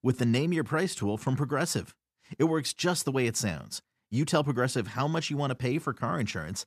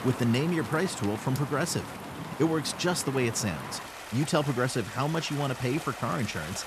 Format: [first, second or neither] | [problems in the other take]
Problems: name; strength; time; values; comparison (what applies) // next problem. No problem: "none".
first | rain or running water; loud; throughout; 10 dB below the speech